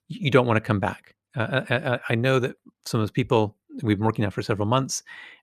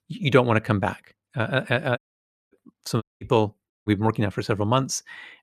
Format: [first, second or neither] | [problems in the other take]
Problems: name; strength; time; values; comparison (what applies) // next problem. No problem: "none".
first | audio cutting out; at 2 s for 0.5 s, at 3 s and at 3.5 s